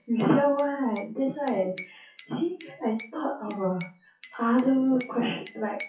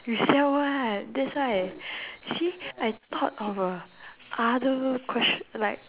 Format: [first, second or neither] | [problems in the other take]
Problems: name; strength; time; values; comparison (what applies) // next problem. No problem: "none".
second | noise reduction (classical method WPE with log-MMSE)